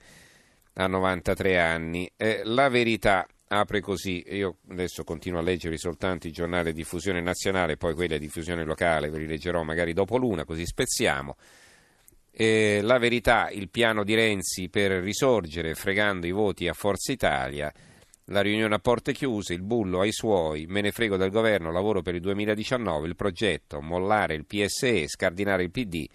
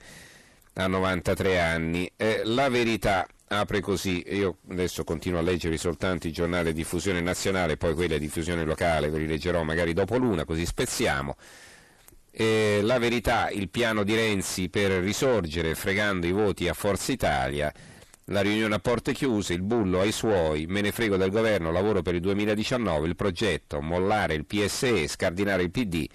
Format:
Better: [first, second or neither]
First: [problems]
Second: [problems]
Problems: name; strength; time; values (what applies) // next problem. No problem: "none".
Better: first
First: none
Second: distortion; heavy; 6 dB below the speech